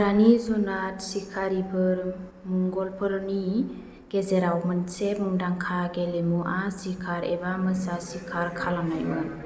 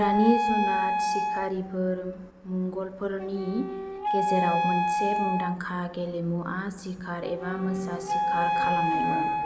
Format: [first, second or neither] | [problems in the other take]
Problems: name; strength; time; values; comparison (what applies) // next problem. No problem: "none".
first | background sound (Wind instrument, woodwind instrument); 1 dB above the speech